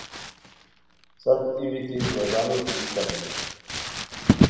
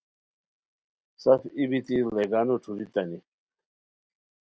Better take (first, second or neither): second